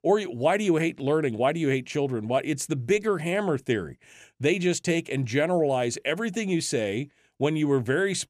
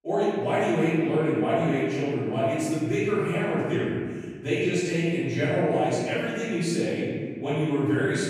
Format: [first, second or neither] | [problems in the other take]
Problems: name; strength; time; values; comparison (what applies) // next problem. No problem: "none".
first | off-mic speech; far // room echo; strong; dies away in 1.7 s